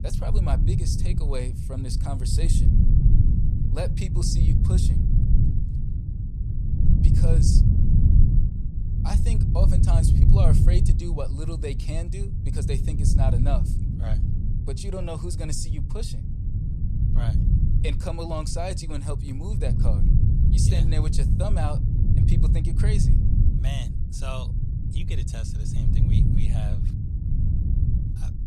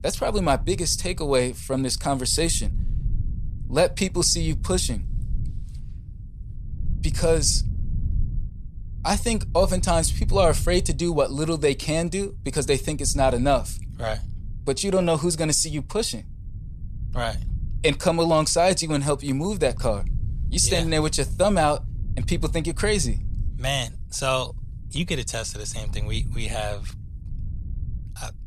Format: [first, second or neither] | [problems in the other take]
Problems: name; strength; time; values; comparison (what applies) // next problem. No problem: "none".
second | low rumble; loud; throughout; 1 dB below the speech; faint in the second